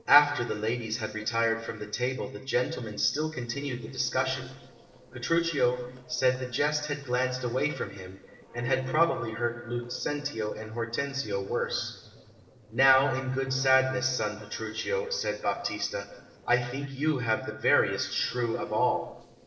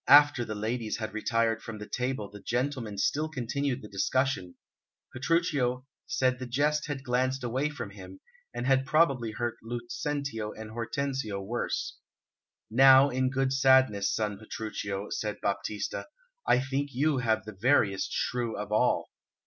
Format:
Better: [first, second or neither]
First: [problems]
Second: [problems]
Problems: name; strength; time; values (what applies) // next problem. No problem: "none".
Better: second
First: noise reduction (neural separator model SepFormer DNS4)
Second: none